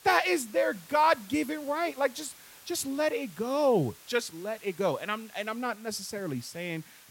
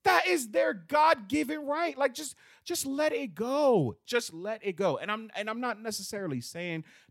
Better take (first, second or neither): second